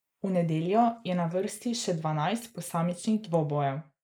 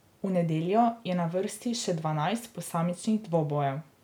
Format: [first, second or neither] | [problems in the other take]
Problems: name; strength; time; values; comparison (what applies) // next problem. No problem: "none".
second | noise reduction (neural mask model Resemble Enhance denoiser)